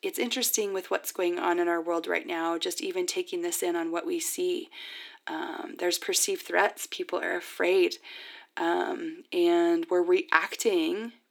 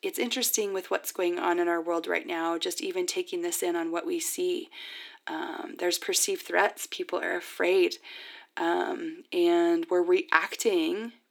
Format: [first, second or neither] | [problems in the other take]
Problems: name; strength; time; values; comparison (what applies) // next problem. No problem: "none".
neither | thin; somewhat; fading below 300 Hz; the same in both